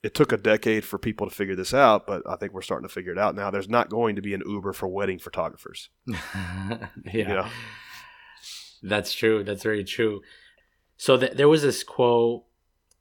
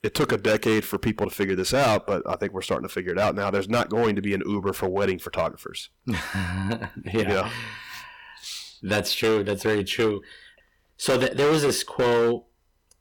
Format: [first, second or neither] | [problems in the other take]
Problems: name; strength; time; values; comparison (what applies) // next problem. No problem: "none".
first | distortion; heavy; 9% of the sound clipped